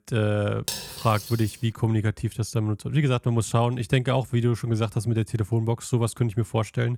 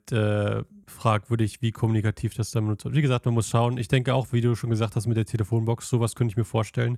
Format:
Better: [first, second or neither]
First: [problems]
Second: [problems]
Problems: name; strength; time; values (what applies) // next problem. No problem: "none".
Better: second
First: clattering dishes; noticeable; at 0.5 s; peak 5 dB below the speech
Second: none